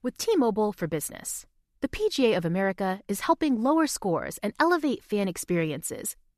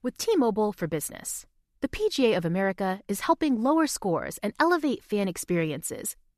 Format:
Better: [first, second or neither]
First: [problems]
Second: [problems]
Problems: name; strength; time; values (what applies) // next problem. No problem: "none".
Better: neither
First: none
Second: none